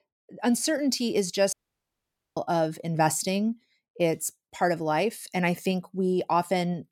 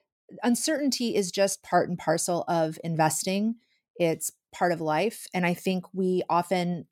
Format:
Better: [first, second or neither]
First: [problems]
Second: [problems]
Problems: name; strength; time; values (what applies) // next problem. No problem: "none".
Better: second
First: audio cutting out; at 1.5 s for 1 s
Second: none